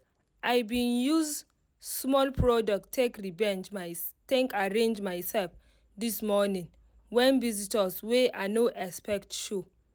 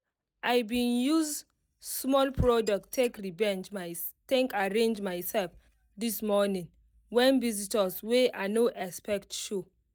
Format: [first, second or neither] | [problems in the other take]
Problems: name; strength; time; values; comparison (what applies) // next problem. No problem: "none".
first | noise reduction (neural mask model DeepFilterNet 3)